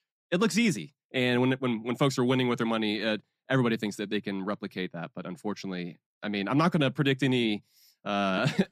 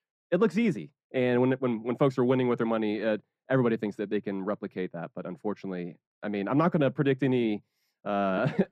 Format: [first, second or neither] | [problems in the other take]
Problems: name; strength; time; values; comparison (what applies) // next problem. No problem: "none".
first | muffled; very; fading above 3 kHz